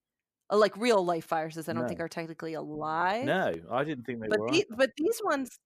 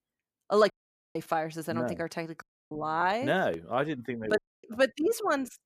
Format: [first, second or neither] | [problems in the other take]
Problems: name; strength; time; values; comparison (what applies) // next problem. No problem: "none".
first | audio cutting out; at 0.5 s, at 2.5 s and at 4.5 s